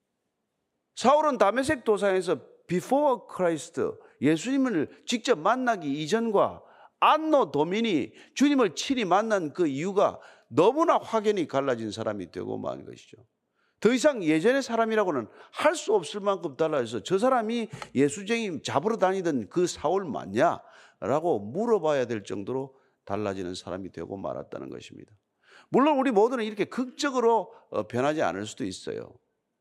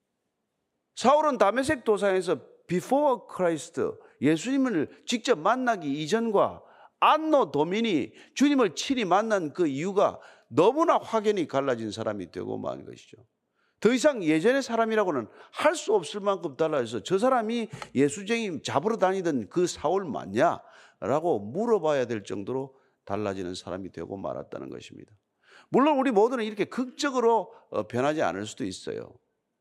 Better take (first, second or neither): neither